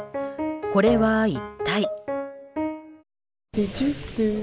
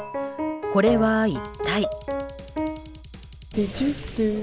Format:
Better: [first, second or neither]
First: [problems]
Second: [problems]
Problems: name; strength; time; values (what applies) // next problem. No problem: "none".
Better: first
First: none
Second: background sound (Dishes, pots, and pans / Chink, clink + Drum kit); 17 dB below the speech